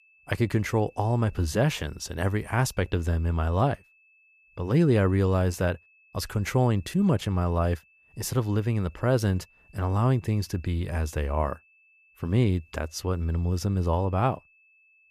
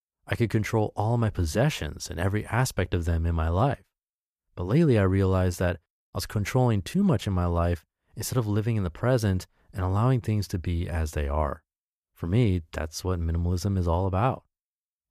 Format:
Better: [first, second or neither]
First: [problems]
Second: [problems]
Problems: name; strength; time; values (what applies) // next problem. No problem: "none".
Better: second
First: high-pitched whine; faint; throughout; 2.5 kHz, 30 dB below the speech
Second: none